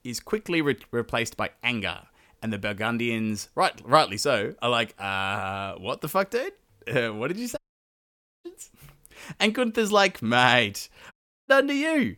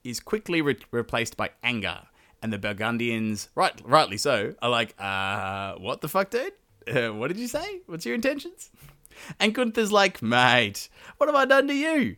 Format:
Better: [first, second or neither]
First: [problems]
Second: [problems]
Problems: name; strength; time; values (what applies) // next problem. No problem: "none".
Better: second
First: audio cutting out; at 7.5 s for 1 s and at 11 s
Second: none